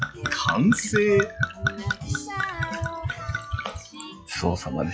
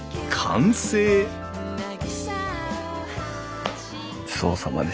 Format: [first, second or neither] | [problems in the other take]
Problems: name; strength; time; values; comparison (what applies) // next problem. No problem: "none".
second | noise reduction (classical method log-MMSE)